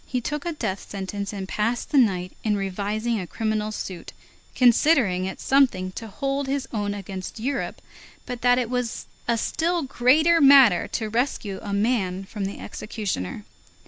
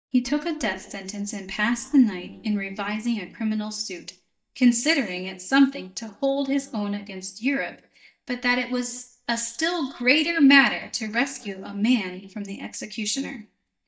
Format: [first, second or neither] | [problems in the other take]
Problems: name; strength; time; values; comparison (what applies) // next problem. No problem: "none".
first | noise reduction (neural mask model DeepFilterNet 3)